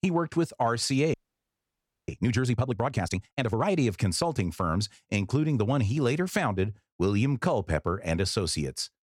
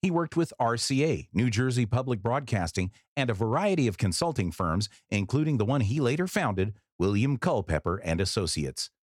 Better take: second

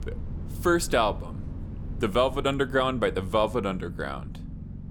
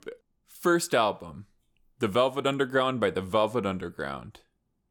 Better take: second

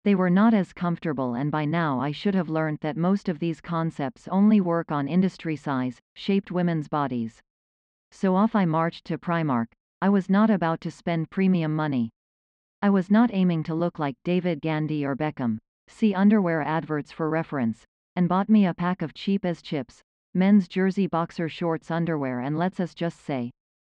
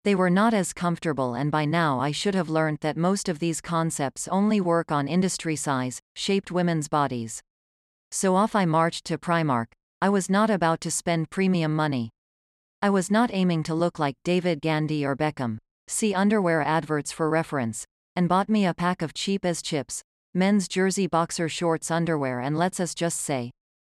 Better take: second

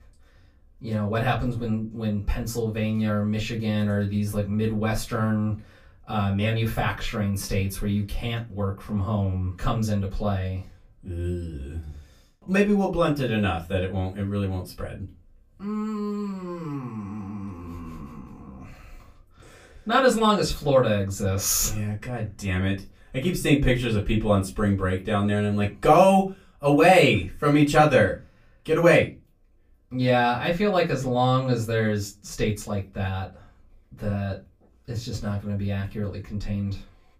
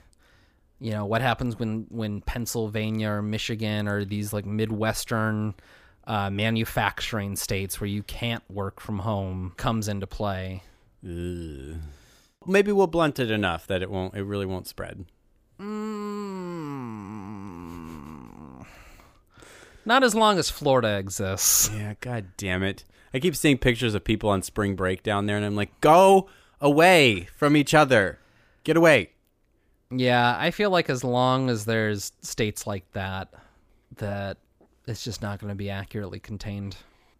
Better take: second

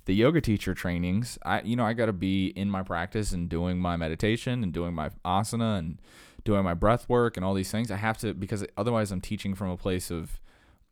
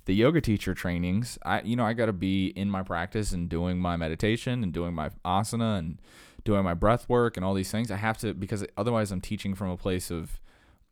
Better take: neither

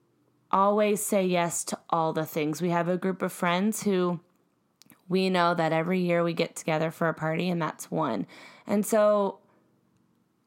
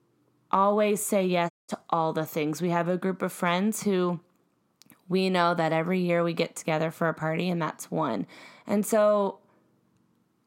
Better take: first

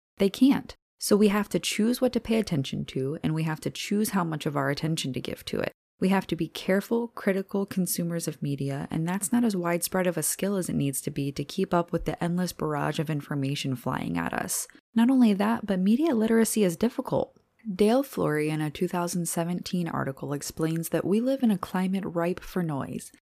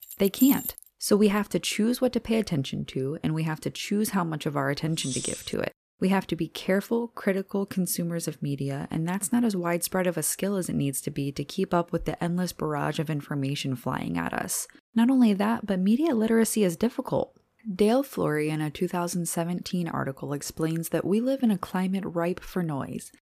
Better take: first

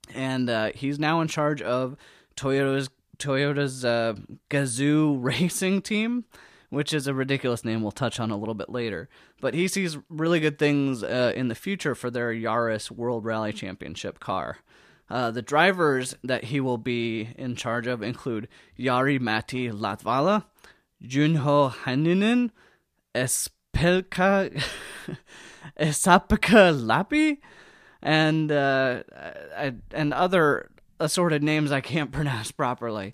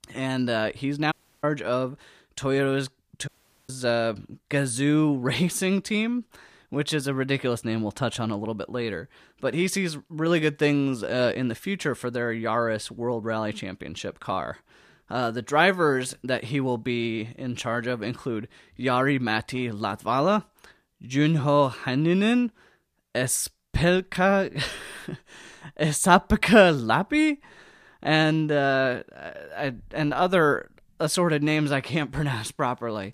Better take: first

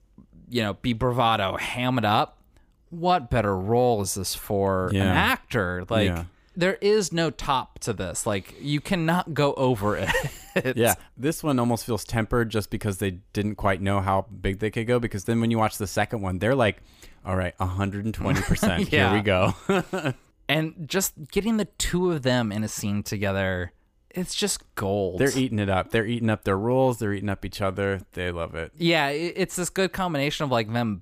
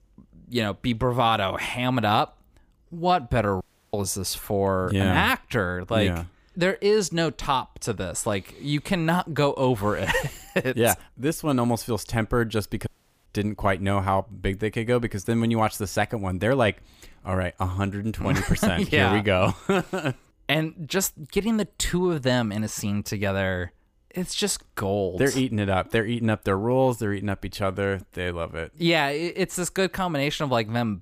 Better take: first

